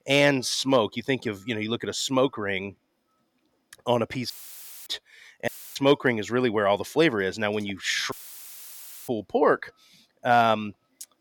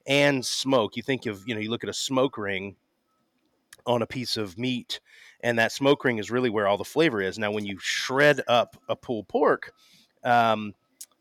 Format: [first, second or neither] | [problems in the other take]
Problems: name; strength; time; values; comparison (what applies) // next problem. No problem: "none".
second | audio cutting out; filled with static; at 4.5 s for 0.5 s, at 5.5 s and at 8 s for 1 s